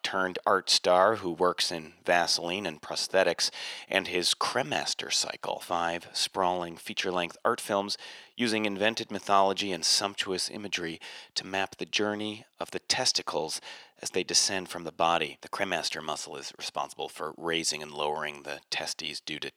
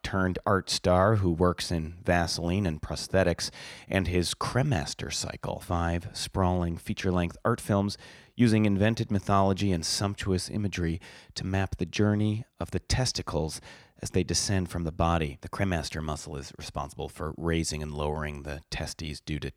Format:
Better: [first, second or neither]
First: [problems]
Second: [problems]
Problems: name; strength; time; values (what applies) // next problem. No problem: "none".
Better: second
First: thin; somewhat; fading below 400 Hz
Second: none